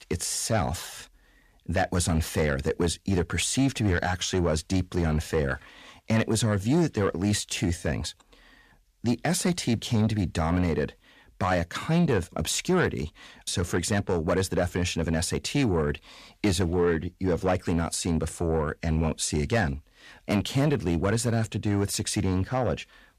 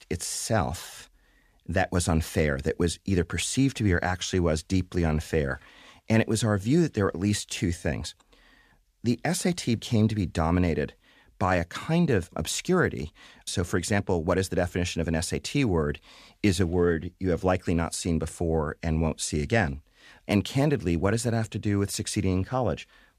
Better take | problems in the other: second | distortion; slight; 10 dB below the speech

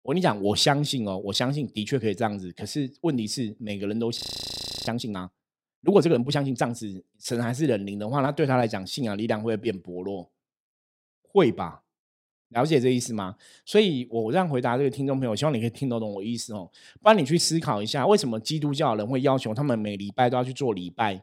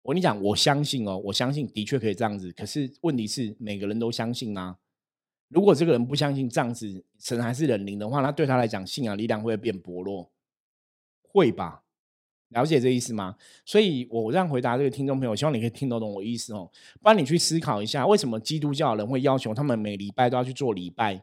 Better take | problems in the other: second | audio freezing; at 4 s for 0.5 s

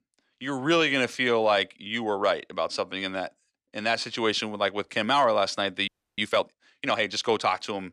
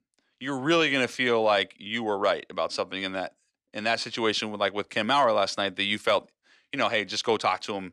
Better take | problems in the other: second | audio freezing; at 6 s

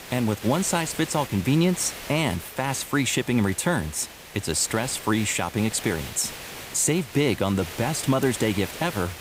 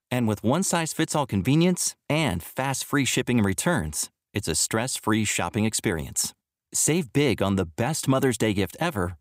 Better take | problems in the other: second | hiss; noticeable; throughout; 15 dB below the speech

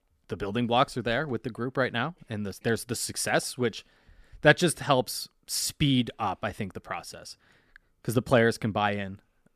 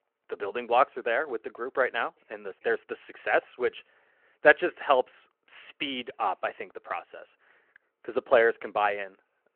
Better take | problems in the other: first | phone-call audio

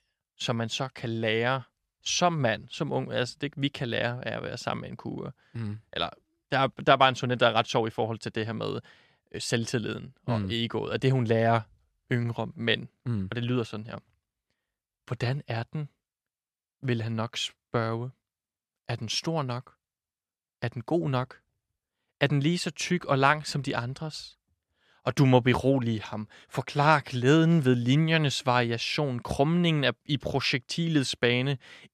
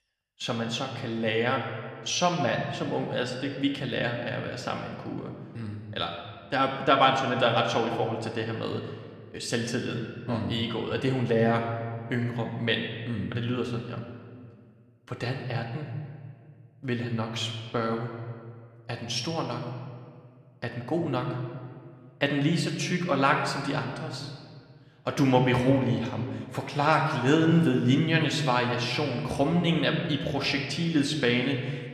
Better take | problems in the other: first | room echo; slight; dies away in 1.5 s

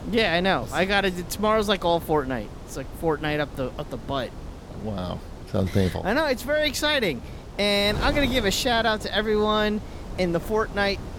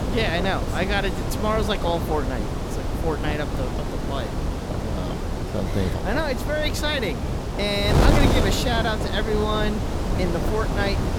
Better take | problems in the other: first | wind noise on the microphone; heavy; 4 dB below the speech; occasional gusts in the first

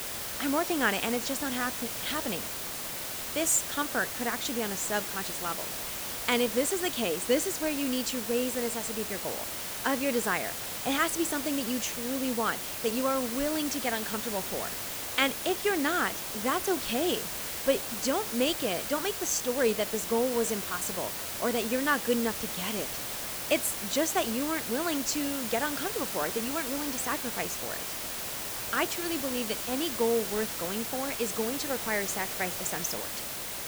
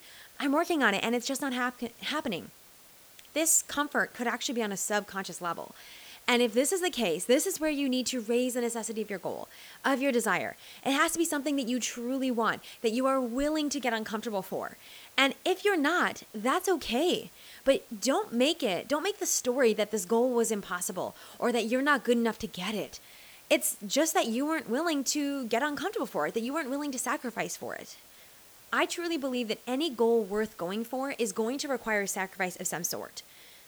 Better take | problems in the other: second | hiss; loud; throughout; 2 dB below the speech; faint in the second

